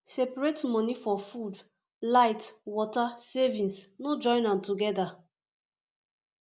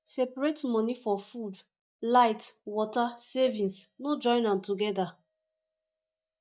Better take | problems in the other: first | noise reduction (neural mask model DeepFilterNet 3)

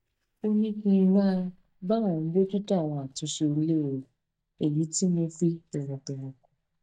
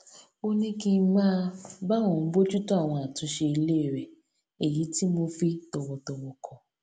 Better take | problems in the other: second | noise reduction (neural mask model DeepFilterNet 3)

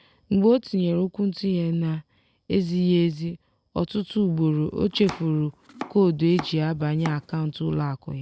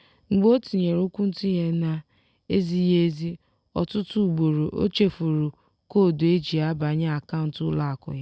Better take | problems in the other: second | background sound (Domestic sounds, home sounds); 16 dB below the speech

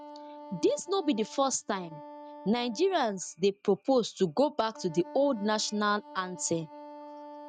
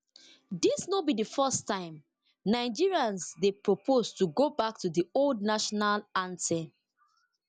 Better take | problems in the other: second | noise reduction (neural mask model RNNoise)

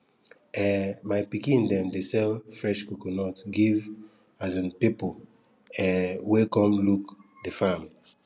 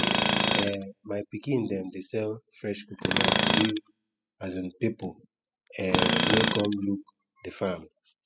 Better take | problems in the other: first | noise reduction (classical method spectral subtraction)

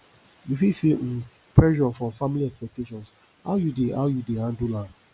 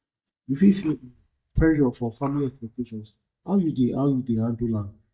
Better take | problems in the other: first | noise reduction (neural mask model DeepFilterNet 3)

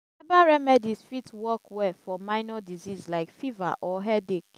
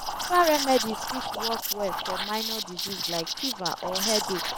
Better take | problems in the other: first | background sound (Liquid); 2 dB below the speech

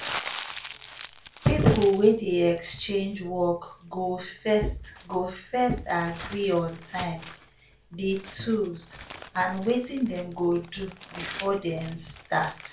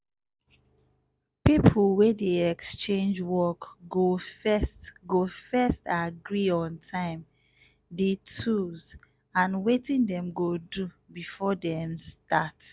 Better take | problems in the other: second | background sound (Crumpling, crinkling); 16 dB below the speech // room echo; dies away in 0.3 s

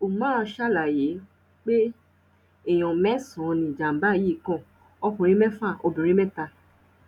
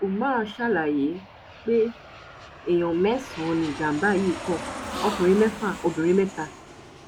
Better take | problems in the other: first | background sound (Aircraft + Gasp); 13 dB below the speech

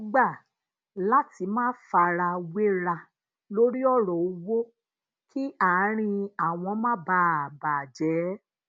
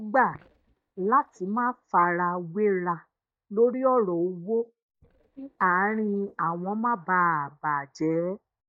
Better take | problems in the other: first | noise reduction (neural mask model DeepFilterNet 3)

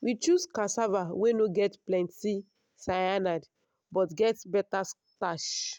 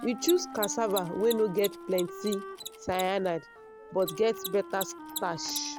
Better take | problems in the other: first | background sound (Mechanisms + Wind instrument, woodwind instrument); 10 dB below the speech

